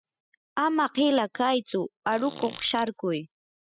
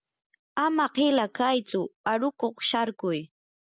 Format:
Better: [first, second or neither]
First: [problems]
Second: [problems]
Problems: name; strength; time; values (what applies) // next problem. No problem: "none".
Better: second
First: noise reduction (classical method spectral subtraction)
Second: none